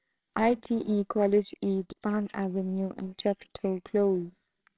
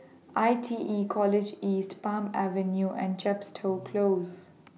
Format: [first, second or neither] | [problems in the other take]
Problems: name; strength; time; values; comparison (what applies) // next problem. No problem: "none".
second | noise reduction (neural separator model SepFormer WHAMR!)